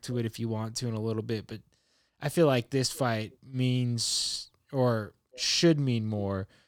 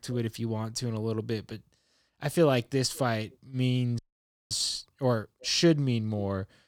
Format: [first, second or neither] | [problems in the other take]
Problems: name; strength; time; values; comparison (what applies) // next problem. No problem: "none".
first | audio freezing; at 4 s for 0.5 s